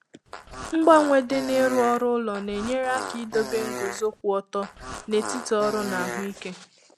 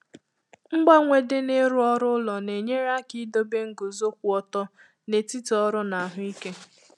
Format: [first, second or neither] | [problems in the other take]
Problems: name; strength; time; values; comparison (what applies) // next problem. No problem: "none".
second | background sound (Fart); 10 dB below the speech